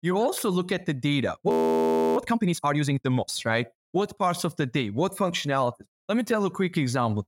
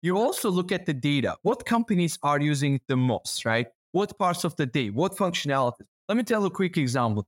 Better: second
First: audio freezing; at 1.5 s for 0.5 s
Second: none

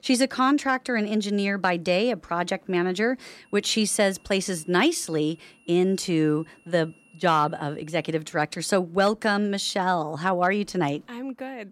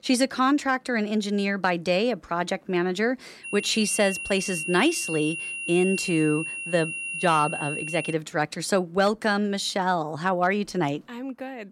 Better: first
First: high-pitched whine; faint; from 3.5 to 8 s; 2.5 kHz, 35 dB below the speech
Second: high-pitched whine; loud; from 3.5 to 8 s; 2.5 kHz, 5 dB below the speech

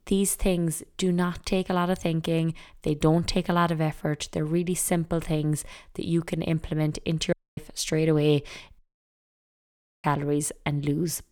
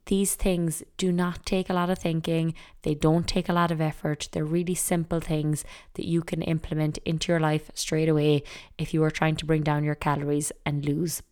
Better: second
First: audio cutting out; at 7.5 s and at 9 s for 1.5 s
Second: none

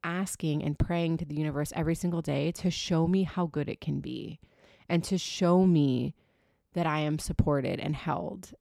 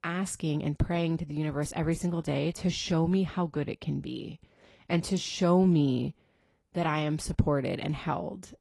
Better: first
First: none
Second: garbled, watery; slightly; nothing above 11.5 kHz

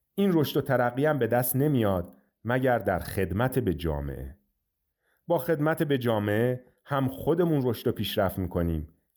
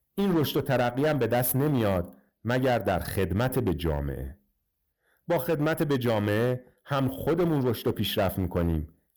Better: first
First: none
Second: distortion; slight; 12% of the sound clipped

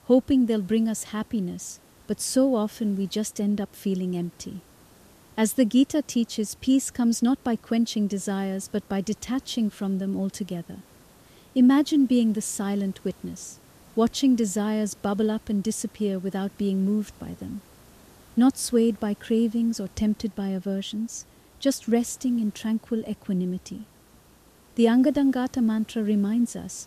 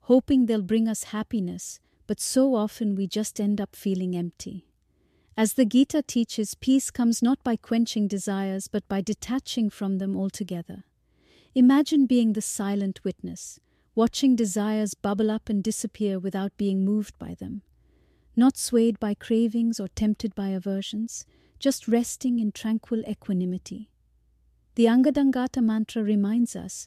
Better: second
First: hiss; faint; throughout; 30 dB below the speech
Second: none

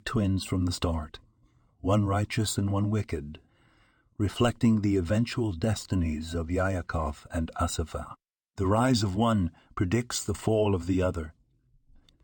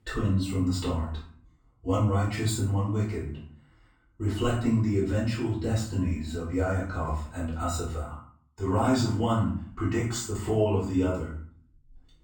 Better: first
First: none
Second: room echo; noticeable; dies away in 0.5 s // off-mic speech; far

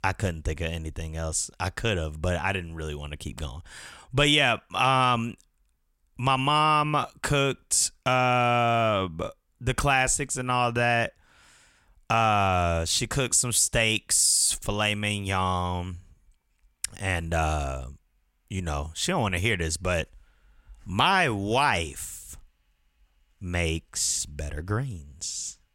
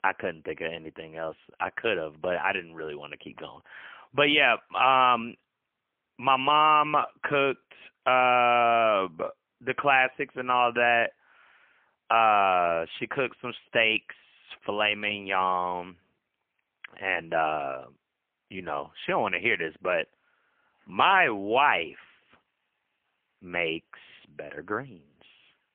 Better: first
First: none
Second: phone-call audio; poor line; nothing above 3 kHz

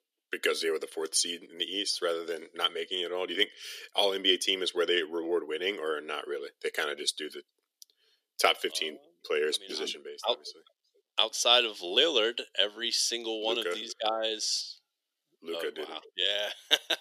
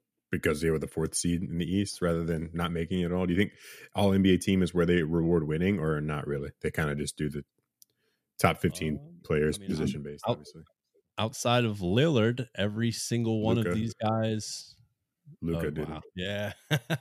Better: second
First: thin; very; fading below 350 Hz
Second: none

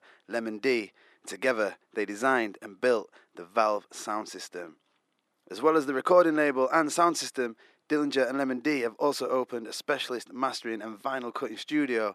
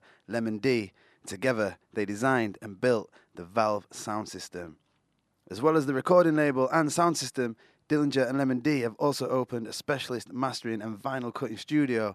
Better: second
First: thin; very slightly; fading below 350 Hz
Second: none

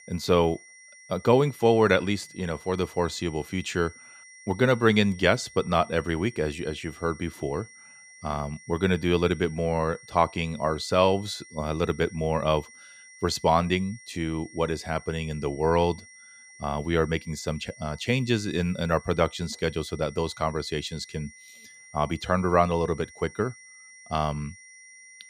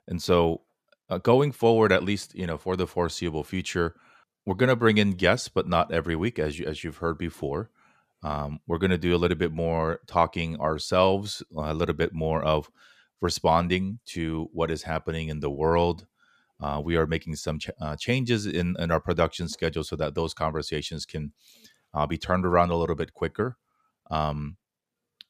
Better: second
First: high-pitched whine; faint; throughout; 2 kHz, 20 dB below the speech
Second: none

